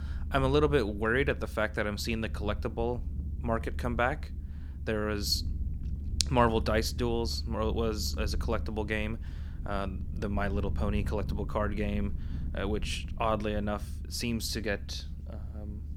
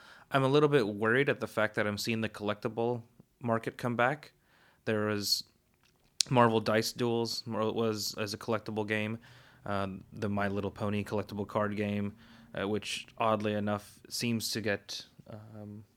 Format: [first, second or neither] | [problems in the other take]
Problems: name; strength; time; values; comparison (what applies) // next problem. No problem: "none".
second | low rumble; faint; throughout; 20 dB below the speech